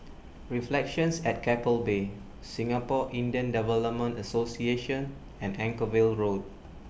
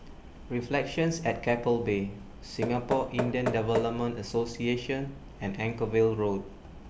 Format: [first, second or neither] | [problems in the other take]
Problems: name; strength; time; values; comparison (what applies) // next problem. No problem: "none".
first | background sound (Knock); 8 dB below the speech